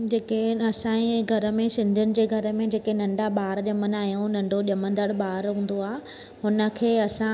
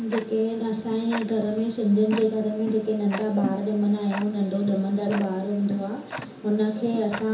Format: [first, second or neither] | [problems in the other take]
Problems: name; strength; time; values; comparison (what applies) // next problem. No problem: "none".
first | background sound (Tick-tock); 13 dB below the speech // room echo; dies away in 0.7 s